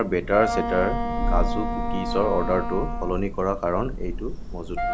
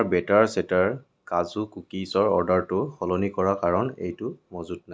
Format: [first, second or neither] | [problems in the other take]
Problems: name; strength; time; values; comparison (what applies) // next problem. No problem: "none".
second | background sound (Thunder / Rain + Wind instrument, woodwind instrument); as loud as the speech